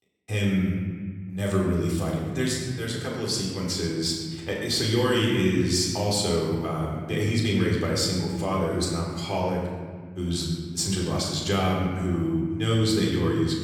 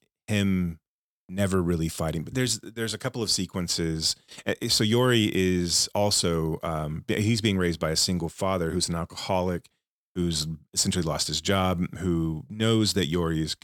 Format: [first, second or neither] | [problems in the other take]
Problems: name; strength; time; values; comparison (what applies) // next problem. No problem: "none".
second | off-mic speech; far // room echo; noticeable; dies away in 1.7 s